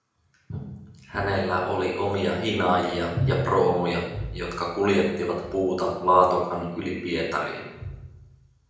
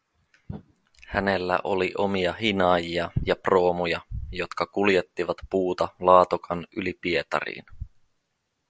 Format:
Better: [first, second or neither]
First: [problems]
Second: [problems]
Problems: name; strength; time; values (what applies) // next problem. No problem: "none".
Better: second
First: room echo; dies away in 0.9 s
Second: none